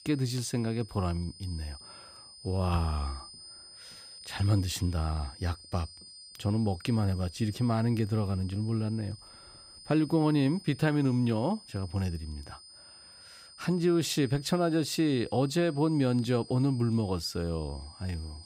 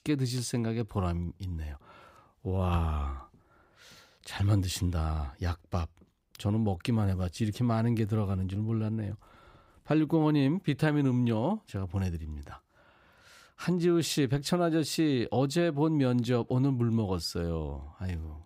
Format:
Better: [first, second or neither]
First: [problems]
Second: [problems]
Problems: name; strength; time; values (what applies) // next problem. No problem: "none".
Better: second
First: high-pitched whine; noticeable; throughout; 5 kHz, 20 dB below the speech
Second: none